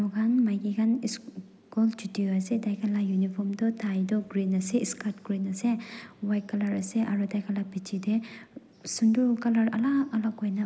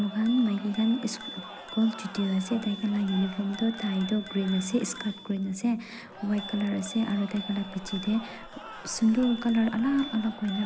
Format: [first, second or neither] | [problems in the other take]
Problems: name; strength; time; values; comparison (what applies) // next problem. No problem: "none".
first | background sound (Crowd / Cheering + Bicycle bell); 14 dB below the speech